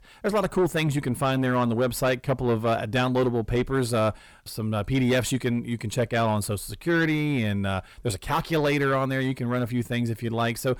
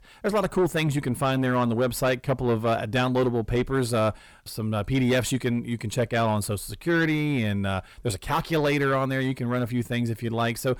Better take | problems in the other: neither | distortion; slight; 10 dB below the speech; the same in both

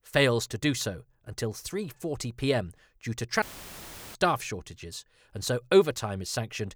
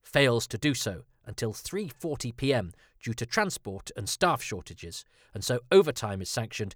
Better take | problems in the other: second | audio cutting out; filled with static; at 3.5 s for 0.5 s

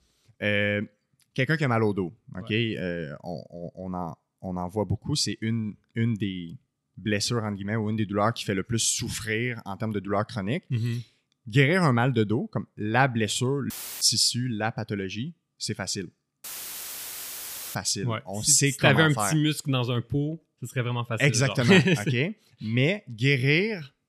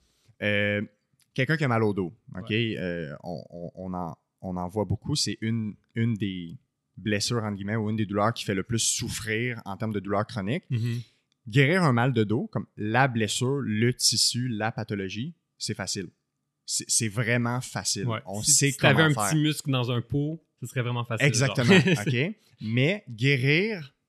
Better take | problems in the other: second | audio cutting out; filled with static; at 14 s and at 16 s for 1.5 s

